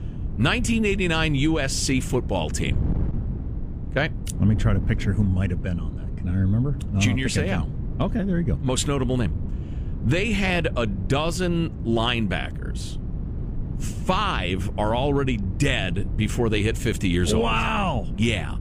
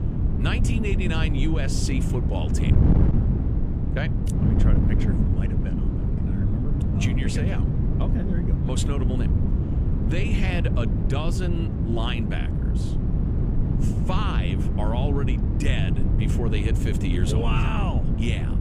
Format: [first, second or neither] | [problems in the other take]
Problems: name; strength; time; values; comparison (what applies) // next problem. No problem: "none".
first | wind noise on the microphone; heavy; 2 dB below the speech; occasional gusts in the first